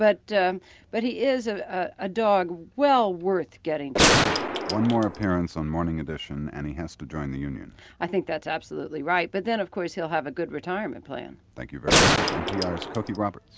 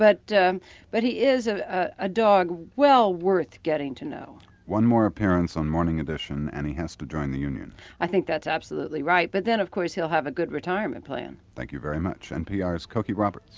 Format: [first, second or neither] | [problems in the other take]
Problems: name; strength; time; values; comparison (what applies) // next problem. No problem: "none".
second | background sound (Gunshot, gunfire); 4 dB above the speech